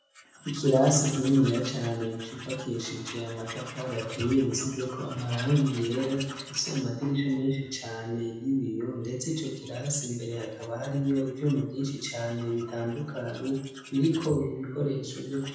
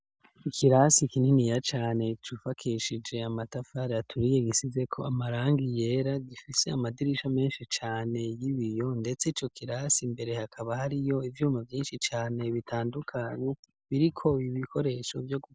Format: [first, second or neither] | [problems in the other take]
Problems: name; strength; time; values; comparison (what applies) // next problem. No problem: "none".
second | background sound (Tools); 16 dB below the speech // room echo; dies away in 0.9 s